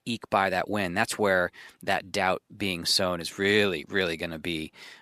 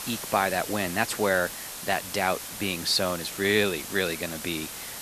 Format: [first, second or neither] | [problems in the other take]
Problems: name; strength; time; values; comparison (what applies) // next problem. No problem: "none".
first | hiss; loud; throughout; 8 dB below the speech